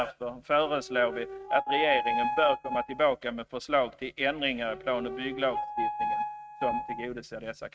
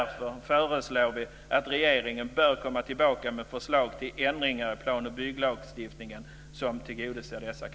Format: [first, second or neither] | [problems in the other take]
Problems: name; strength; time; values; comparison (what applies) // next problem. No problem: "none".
second | noise reduction (neural mask model RNNoise)